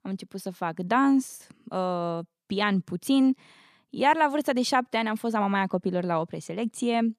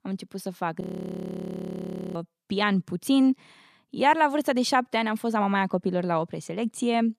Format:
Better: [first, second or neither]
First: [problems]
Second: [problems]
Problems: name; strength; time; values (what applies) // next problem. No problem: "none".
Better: first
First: none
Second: audio freezing; at 1 s for 1.5 s